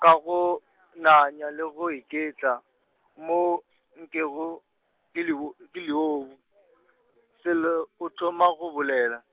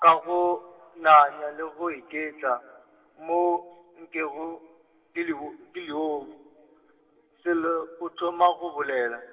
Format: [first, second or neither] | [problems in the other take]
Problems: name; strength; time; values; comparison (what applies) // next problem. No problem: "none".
first | room echo; dies away in 2.5 s